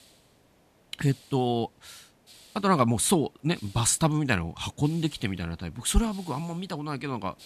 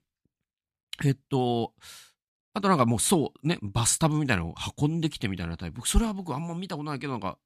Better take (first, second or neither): second